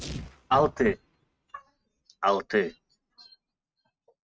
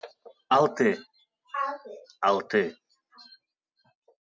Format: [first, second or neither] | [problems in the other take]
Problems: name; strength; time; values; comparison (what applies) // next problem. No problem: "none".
second | noise reduction (neural mask model RNNoise)